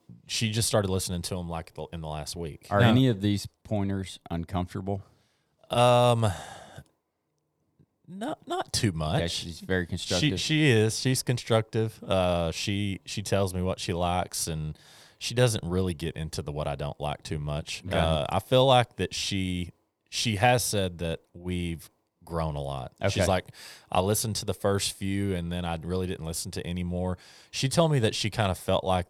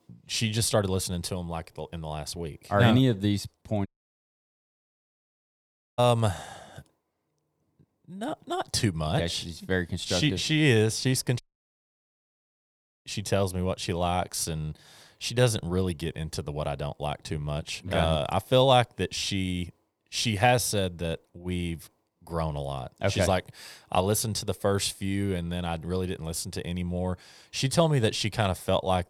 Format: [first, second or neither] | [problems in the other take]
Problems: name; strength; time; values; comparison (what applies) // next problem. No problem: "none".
first | audio cutting out; at 4 s for 2 s and at 11 s for 1.5 s